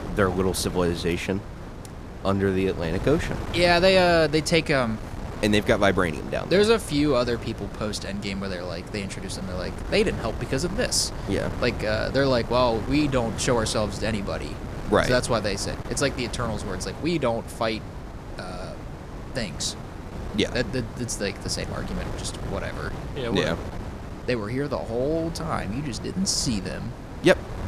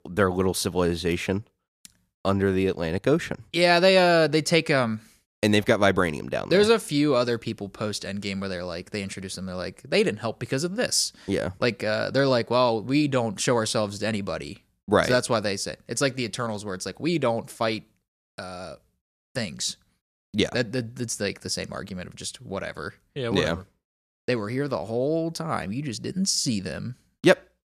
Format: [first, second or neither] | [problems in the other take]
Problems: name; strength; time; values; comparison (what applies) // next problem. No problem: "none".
second | wind noise on the microphone; occasional gusts; 15 dB below the speech